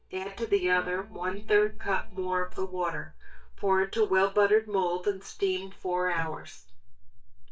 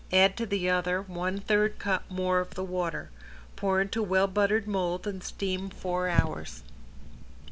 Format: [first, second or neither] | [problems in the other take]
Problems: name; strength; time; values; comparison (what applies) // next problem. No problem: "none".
second | noise reduction (neural mask model DeepFilterNet 3)